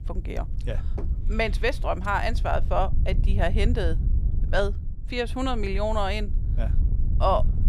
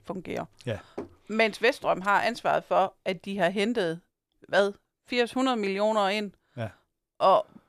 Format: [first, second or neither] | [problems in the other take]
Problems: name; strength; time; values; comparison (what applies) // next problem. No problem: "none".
second | wind noise on the microphone; occasional gusts; 20 dB below the speech